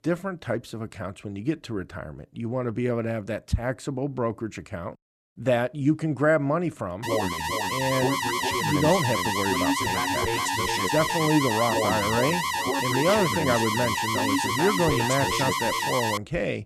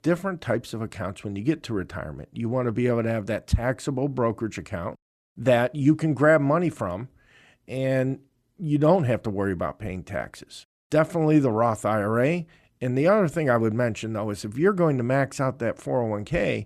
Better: second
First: alarm; loud; from 7 s on; peak 3 dB above the speech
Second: none

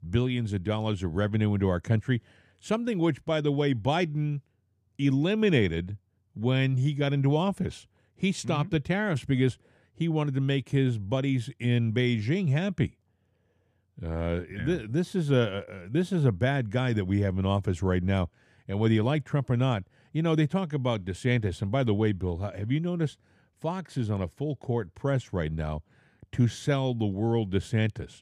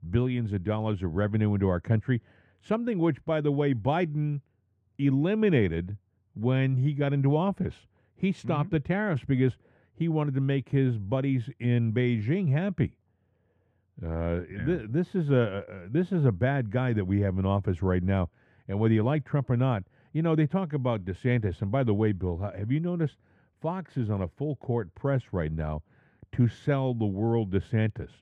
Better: first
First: none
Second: muffled; slightly; fading above 3.5 kHz

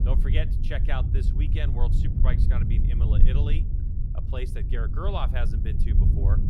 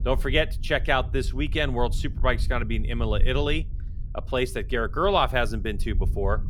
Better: second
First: low rumble; loud; throughout; 4 dB below the speech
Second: low rumble; faint; throughout; 25 dB below the speech

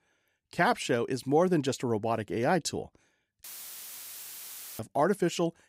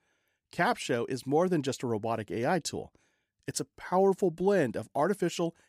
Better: second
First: audio cutting out; filled with static; at 3.5 s for 1.5 s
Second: none

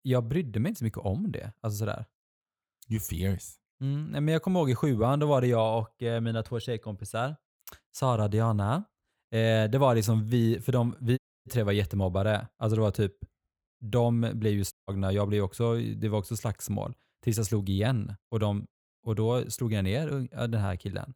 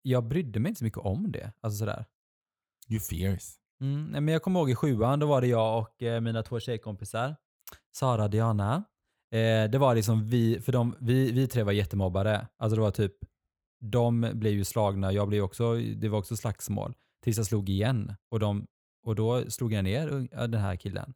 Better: second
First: audio cutting out; at 11 s and at 15 s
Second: none

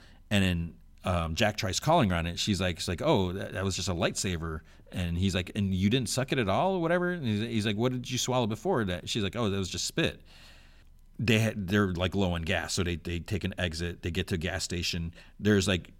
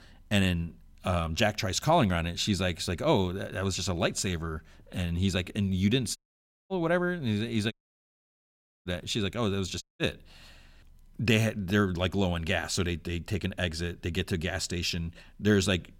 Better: first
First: none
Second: audio cutting out; at 6 s for 0.5 s, at 7.5 s for 1 s and at 10 s

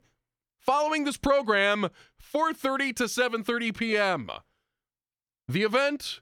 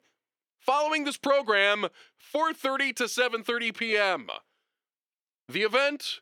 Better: first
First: none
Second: thin; very slightly; fading below 350 Hz

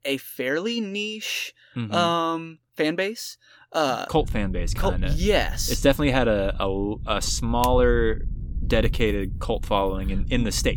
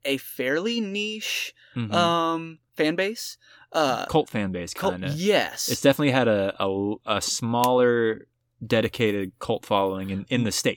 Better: second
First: low rumble; faint; from 4 s on; 25 dB below the speech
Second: none

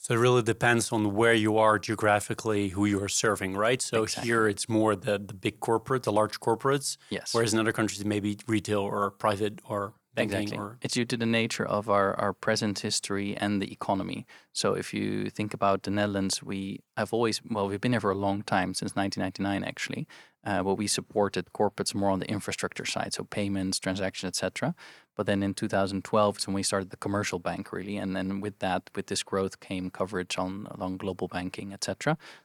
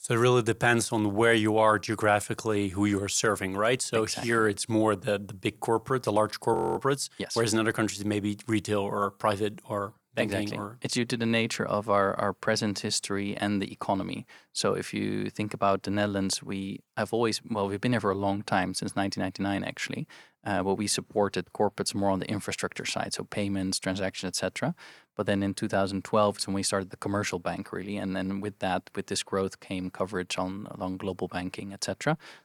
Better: first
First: none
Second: audio freezing; at 6.5 s

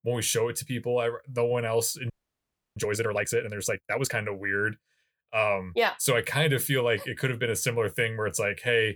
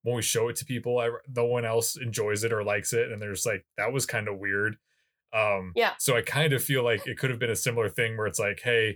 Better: second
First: audio freezing; at 2 s for 0.5 s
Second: none

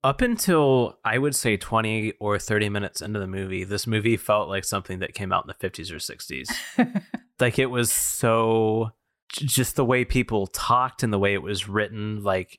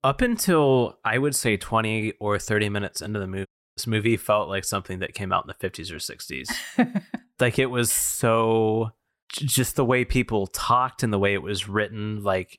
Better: first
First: none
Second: audio cutting out; at 3.5 s

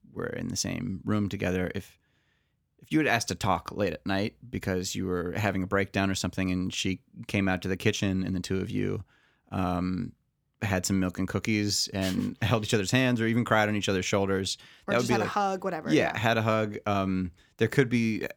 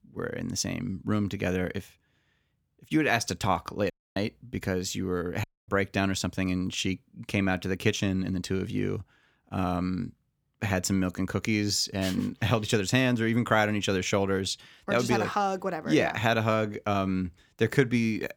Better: first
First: none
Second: audio cutting out; at 4 s and at 5.5 s

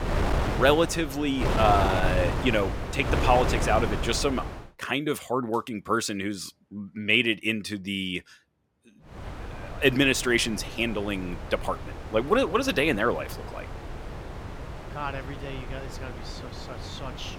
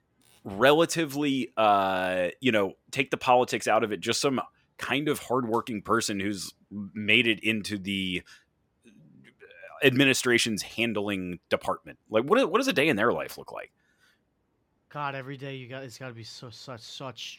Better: second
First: wind noise on the microphone; heavy; until 4.5 s and from 9 s on; 9 dB below the speech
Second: none

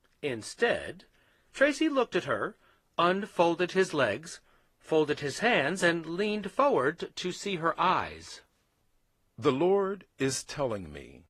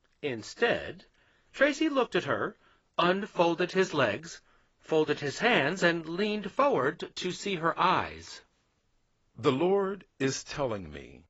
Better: first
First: garbled, watery; slightly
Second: garbled, watery; badly; nothing above 7.5 kHz

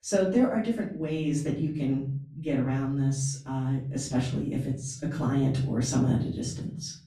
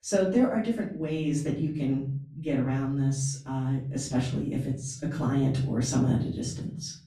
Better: neither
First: off-mic speech; far // room echo; slight; dies away in 0.5 s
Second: off-mic speech; far // room echo; slight; dies away in 0.5 s

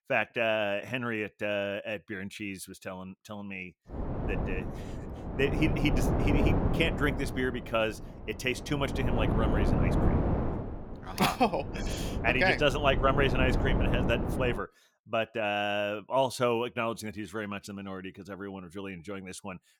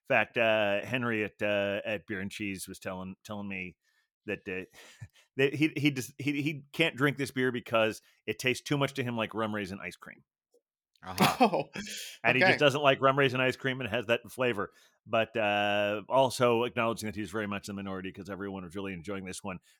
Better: second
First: wind noise on the microphone; heavy; from 4 to 15 s; 6 dB below the speech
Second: none

